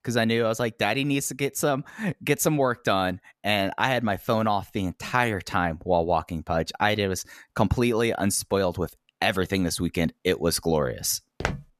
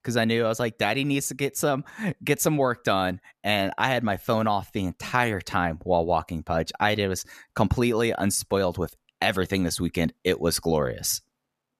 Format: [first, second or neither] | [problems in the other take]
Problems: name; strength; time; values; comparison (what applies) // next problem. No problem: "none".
second | footsteps; noticeable; at 11 s; peak 6 dB below the speech